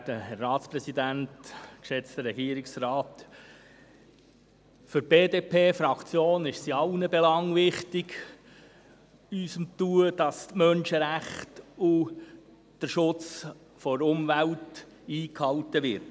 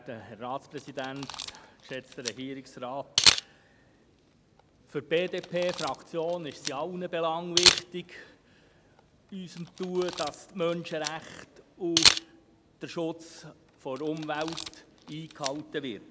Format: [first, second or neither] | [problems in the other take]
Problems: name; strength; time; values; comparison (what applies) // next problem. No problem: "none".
first | background sound (Camera); 2 dB above the speech